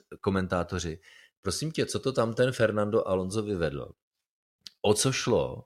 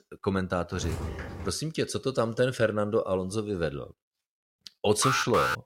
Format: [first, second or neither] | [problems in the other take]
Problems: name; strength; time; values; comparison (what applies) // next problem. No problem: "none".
first | footsteps; noticeable; at 0.5 s; peak 7 dB below the speech // alarm; loud; at 5 s; peak 2 dB above the speech